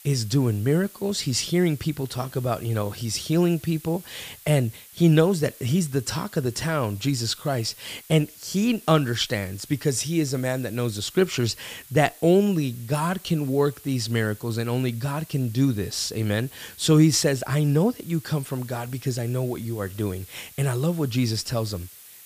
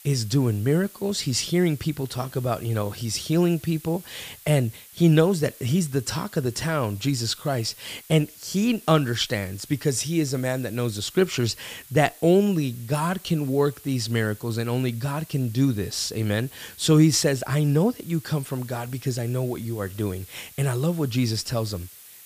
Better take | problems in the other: neither | hiss; noticeable; throughout; 20 dB below the speech; the same in both

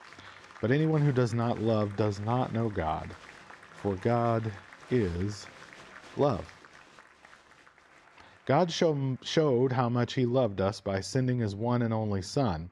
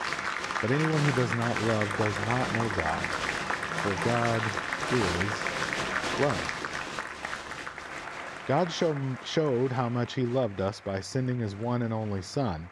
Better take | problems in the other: first | crowd noise; loud; throughout; 1 dB below the speech; faint in the first

